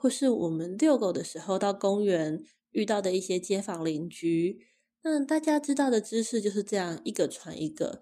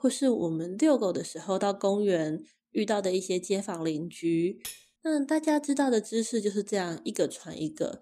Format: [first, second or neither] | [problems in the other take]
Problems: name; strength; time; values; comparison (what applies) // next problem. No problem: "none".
first | clattering dishes; faint; at 4.5 s; peak 10 dB below the speech